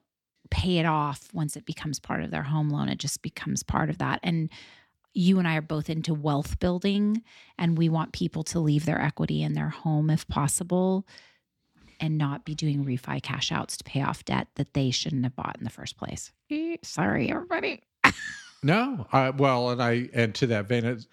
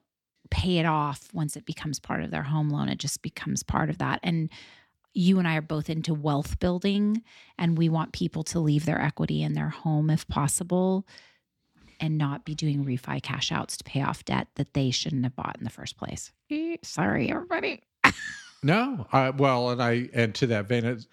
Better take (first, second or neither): neither